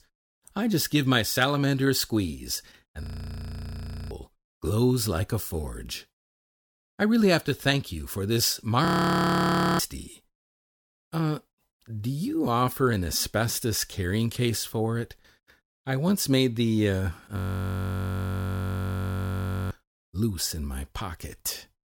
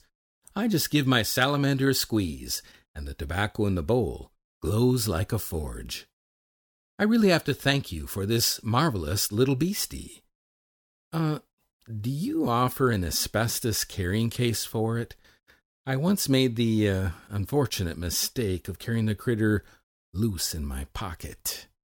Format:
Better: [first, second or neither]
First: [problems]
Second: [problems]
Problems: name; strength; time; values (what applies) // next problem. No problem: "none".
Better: second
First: audio freezing; at 3 s for 1 s, at 9 s for 1 s and at 17 s for 2.5 s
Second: none